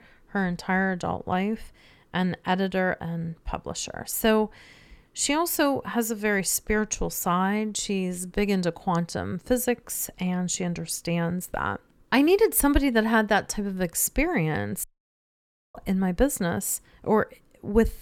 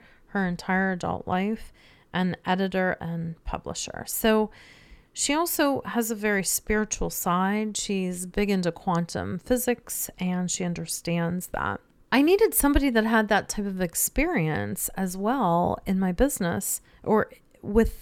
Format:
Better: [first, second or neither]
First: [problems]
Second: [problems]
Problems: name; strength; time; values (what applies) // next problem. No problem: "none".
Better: second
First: audio cutting out; at 15 s for 1 s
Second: none